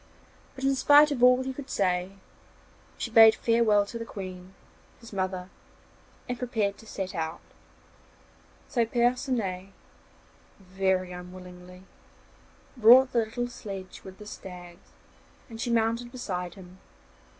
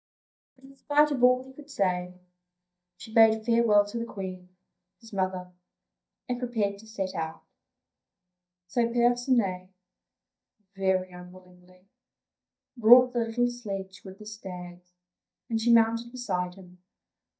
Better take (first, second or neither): first